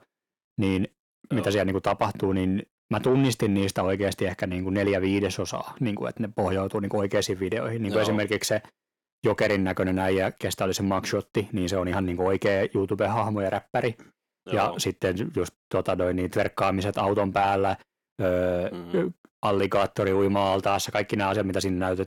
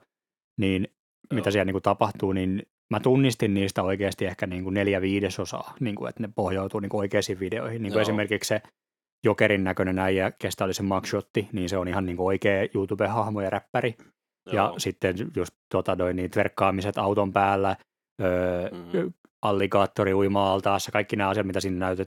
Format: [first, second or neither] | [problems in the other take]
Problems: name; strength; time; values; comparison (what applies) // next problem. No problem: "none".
second | distortion; slight; 10 dB below the speech